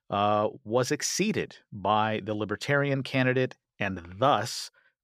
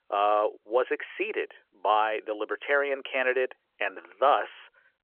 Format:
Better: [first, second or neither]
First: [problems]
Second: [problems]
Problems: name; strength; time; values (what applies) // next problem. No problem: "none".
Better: first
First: none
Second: phone-call audio